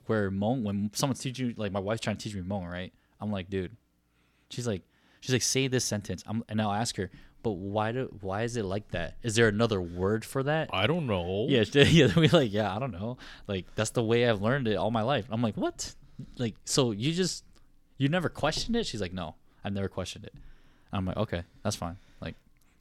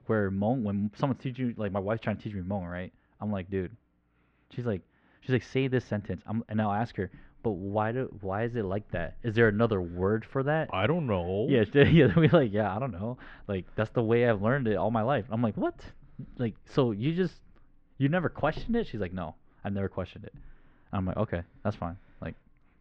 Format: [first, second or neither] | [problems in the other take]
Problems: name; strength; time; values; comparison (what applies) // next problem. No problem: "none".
first | muffled; very; fading above 2 kHz